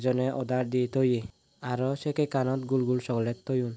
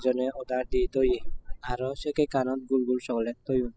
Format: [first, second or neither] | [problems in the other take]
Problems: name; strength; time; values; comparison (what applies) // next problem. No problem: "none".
first | noise reduction (classical method spectral subtraction)